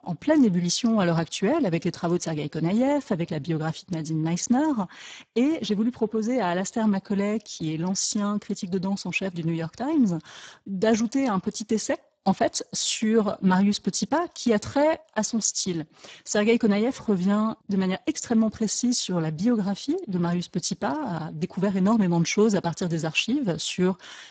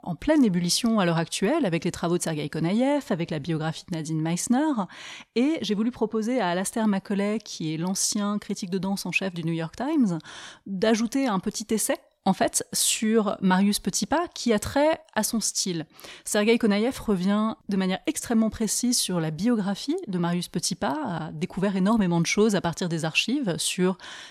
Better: second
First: garbled, watery; badly; nothing above 7.5 kHz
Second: none

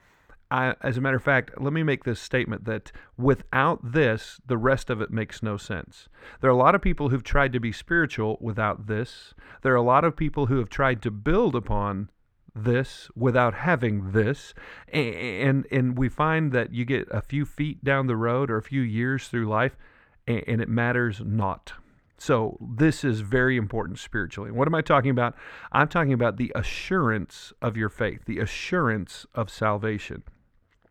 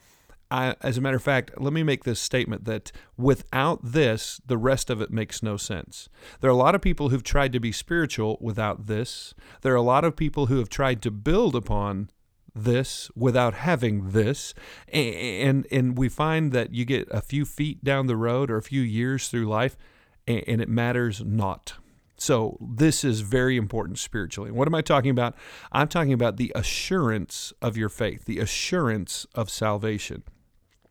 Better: second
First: muffled; slightly; fading above 4 kHz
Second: none

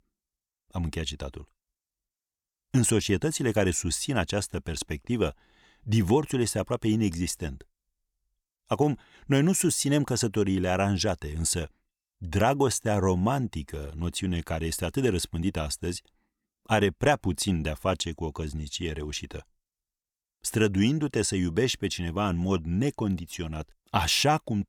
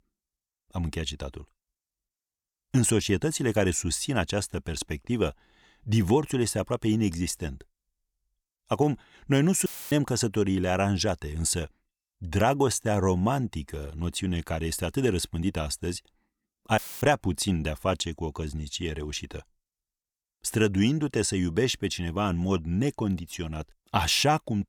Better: first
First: none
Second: audio cutting out; filled with static; at 9.5 s and at 17 s

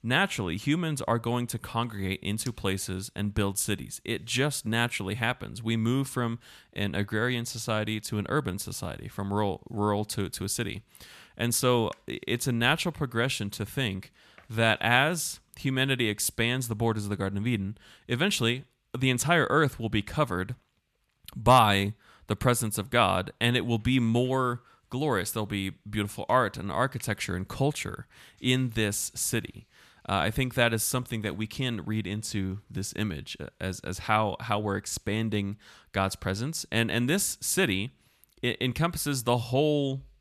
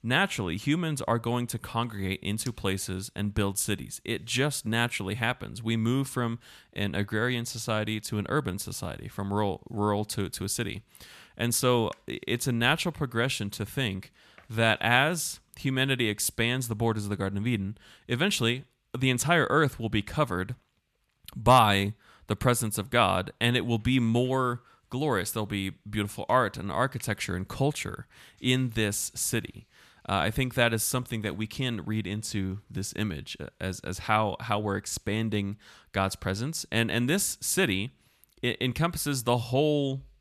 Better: neither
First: none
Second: none

